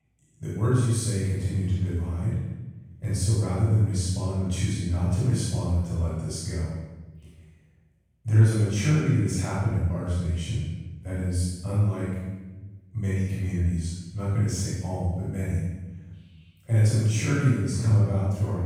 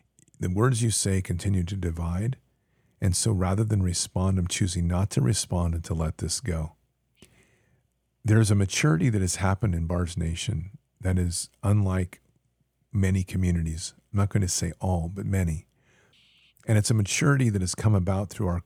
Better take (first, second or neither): second